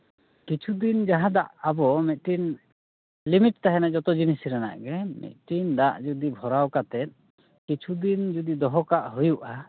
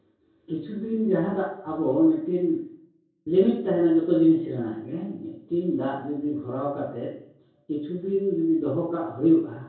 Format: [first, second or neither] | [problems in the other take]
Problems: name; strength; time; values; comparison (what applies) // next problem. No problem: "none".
first | room echo; dies away in 0.6 s